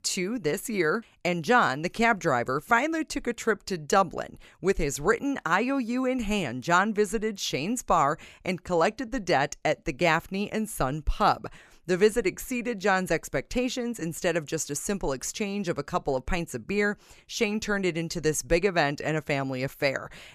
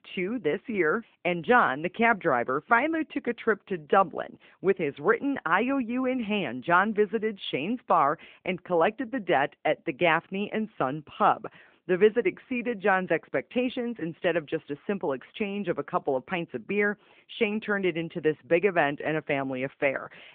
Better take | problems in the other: first | phone-call audio

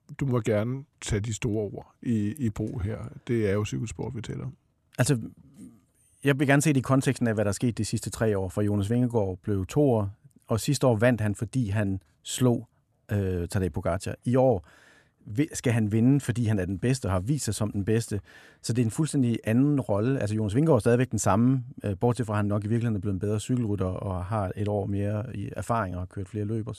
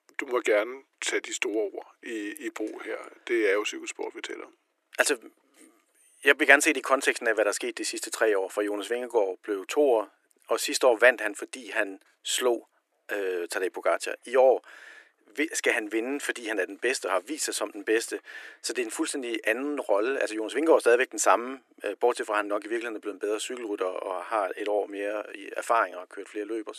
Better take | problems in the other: first | thin; very; fading below 350 Hz

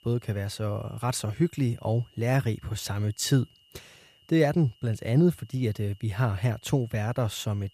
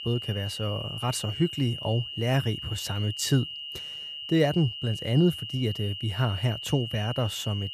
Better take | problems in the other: first | high-pitched whine; loud; throughout; 3 kHz, 7 dB below the speech; faint in the first

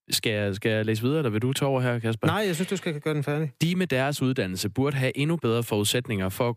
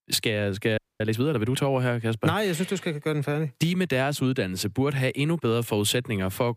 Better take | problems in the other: first | audio freezing; at 1 s

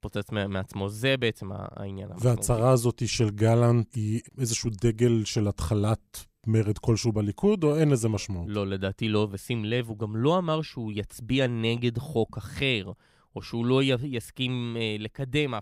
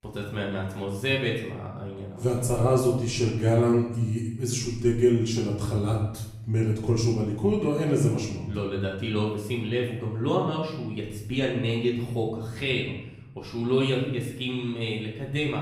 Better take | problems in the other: first | off-mic speech; far // room echo; noticeable; dies away in 0.8 s

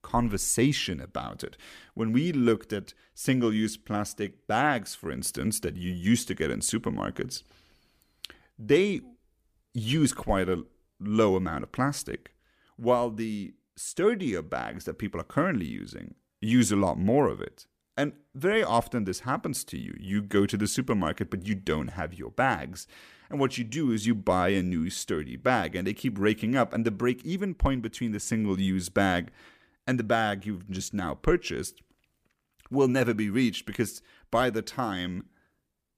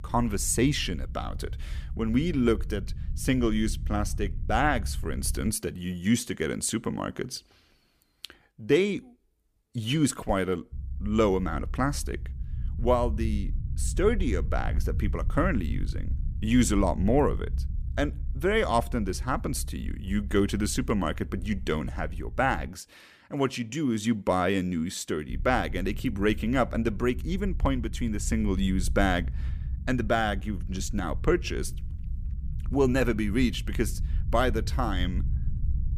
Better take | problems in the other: first | low rumble; faint; until 5.5 s, from 11 to 23 s and from 25 s on; 20 dB below the speech

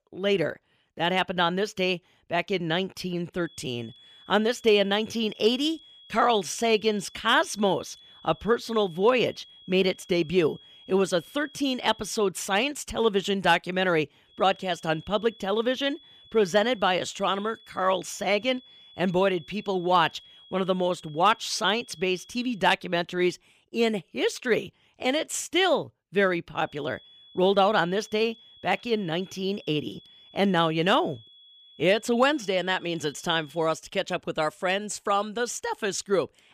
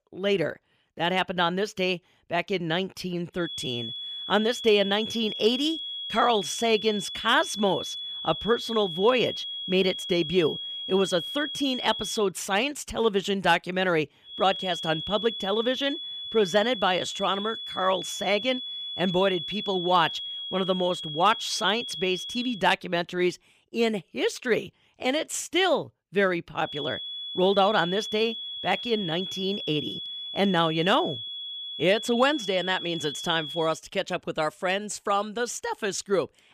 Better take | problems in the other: first | high-pitched whine; loud; from 3.5 to 12 s, from 14 to 23 s and from 27 to 34 s; 3.5 kHz, 6 dB below the speech; faint in the first

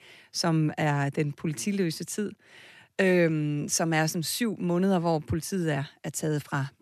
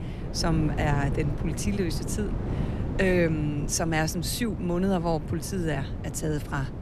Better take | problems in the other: first | wind noise on the microphone; heavy; 10 dB below the speech

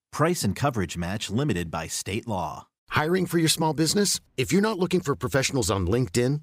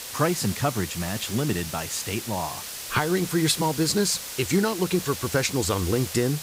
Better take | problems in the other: first | hiss; loud; throughout; 8 dB below the speech

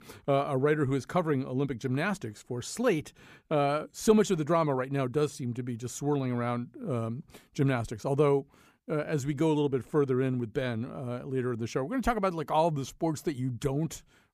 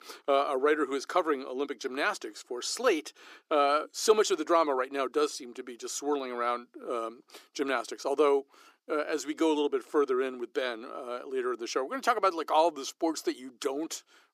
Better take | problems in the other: first | thin; somewhat; fading below 300 Hz

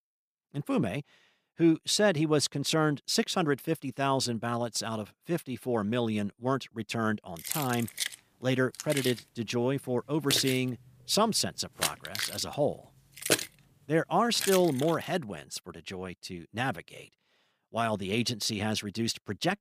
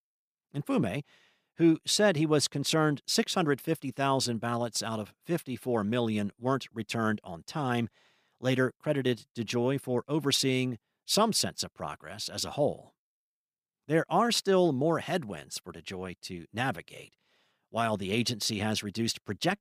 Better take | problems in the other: second | jangling keys; loud; from 7.5 to 15 s; peak 2 dB above the speech

